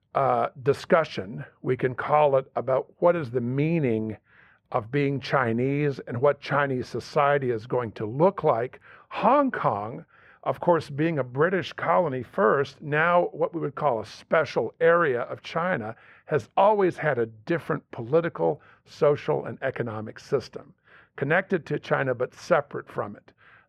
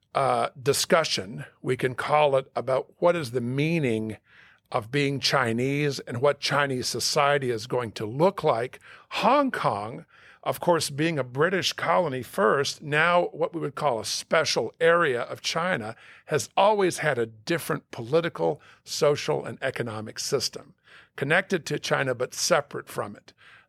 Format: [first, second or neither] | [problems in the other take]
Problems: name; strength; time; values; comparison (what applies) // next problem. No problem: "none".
second | muffled; very; fading above 3.5 kHz